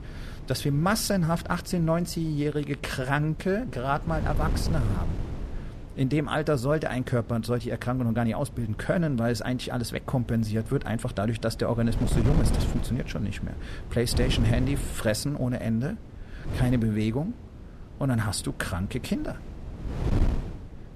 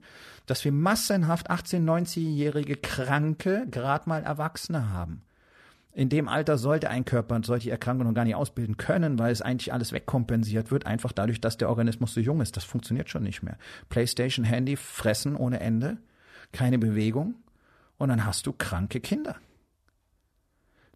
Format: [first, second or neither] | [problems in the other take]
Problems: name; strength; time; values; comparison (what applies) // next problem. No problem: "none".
second | wind noise on the microphone; occasional gusts; 15 dB below the speech